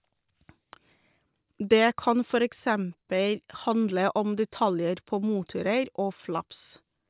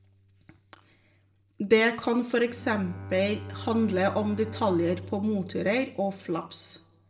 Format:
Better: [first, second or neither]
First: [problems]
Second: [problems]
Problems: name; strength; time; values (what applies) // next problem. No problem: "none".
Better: first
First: none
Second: background sound (Bowed string instrument); 15 dB below the speech // room echo; dies away in 0.5 s